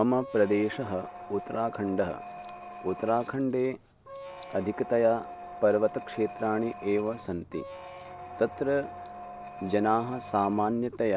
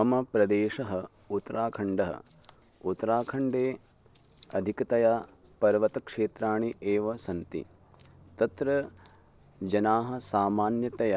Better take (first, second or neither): second